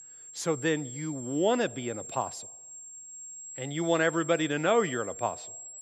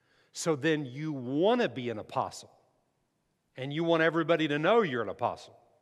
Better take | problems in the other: second | high-pitched whine; noticeable; throughout; 7.5 kHz, 10 dB below the speech

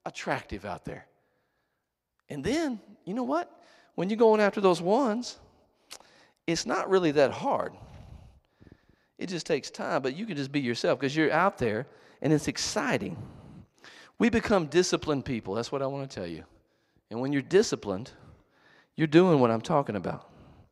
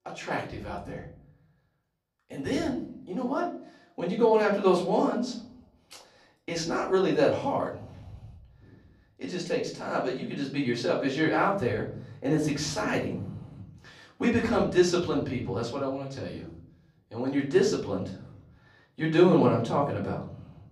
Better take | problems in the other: first | room echo; slight; dies away in 0.8 s // off-mic speech; far

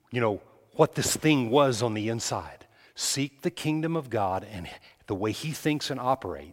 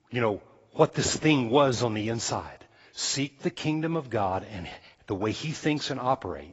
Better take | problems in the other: first | garbled, watery; badly; nothing above 7.5 kHz

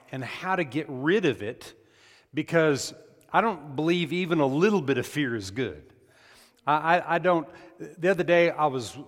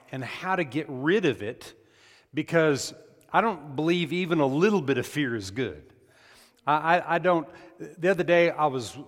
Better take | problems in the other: neither | none

